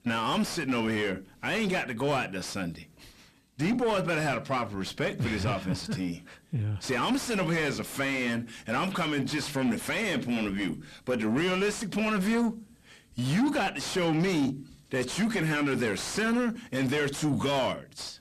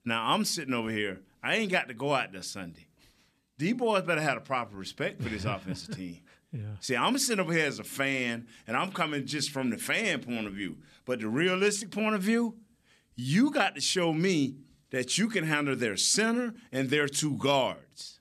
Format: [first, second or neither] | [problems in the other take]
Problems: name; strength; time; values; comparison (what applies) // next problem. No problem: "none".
second | distortion; heavy; 5 dB below the speech